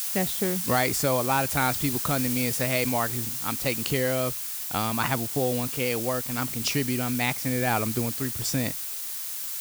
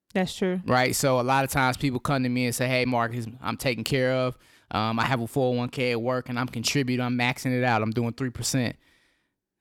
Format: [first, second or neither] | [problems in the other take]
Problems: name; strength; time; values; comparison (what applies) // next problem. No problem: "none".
second | hiss; loud; throughout; 1 dB below the speech